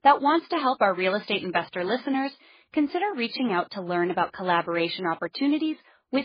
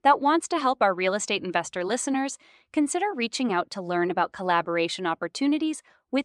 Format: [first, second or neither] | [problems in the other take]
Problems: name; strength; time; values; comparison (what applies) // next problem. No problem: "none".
second | garbled, watery; badly; nothing above 5 kHz